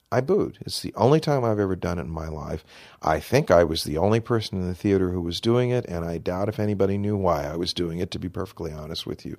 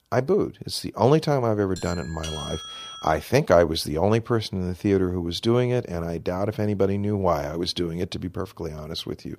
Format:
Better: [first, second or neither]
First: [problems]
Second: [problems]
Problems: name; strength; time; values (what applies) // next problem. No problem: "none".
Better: first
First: none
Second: doorbell; noticeable; from 2 to 3 s; peak 9 dB below the speech